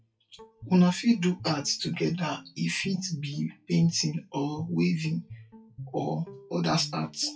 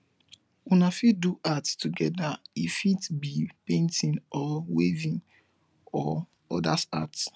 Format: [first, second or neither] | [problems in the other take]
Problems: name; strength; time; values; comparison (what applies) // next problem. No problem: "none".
second | noise reduction (classical method WPE with log-MMSE)